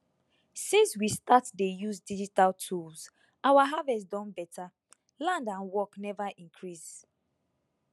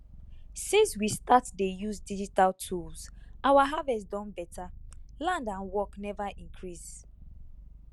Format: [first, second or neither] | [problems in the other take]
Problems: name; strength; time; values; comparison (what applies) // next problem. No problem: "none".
first | background sound (Purr); 16 dB below the speech